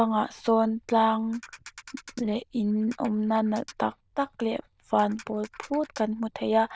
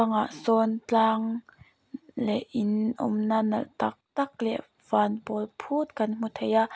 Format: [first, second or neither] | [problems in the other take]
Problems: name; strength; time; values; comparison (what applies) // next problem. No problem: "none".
second | noise reduction (neural diffusion model UNIVERSE++)